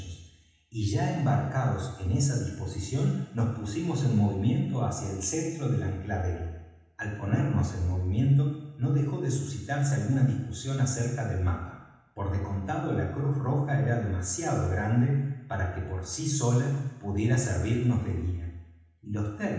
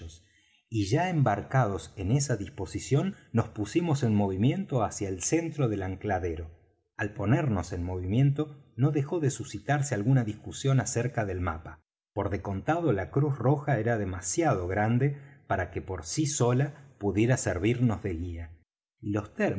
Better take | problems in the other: second | room echo; dies away in 1.1 s

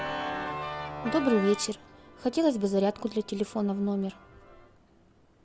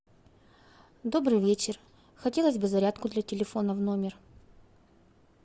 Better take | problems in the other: second | background sound (Organ); 9 dB below the speech

